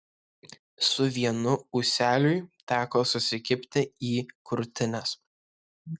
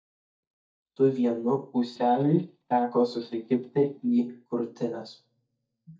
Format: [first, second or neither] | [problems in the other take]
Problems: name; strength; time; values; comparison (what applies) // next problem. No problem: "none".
first | noise reduction (neural mask model DeepFilterNet 3)